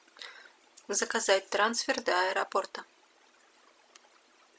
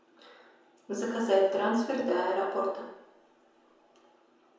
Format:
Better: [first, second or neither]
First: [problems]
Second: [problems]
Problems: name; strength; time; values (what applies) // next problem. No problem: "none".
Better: first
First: none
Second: room echo; dies away in 0.9 s